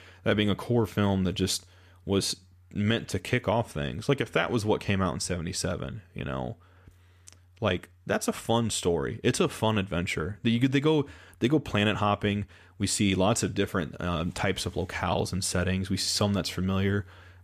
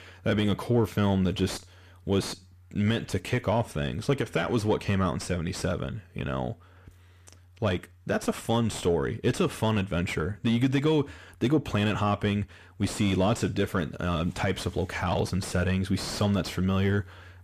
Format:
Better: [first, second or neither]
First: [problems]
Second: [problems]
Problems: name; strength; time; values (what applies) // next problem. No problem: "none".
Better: first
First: none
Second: distortion; slight; 10 dB below the speech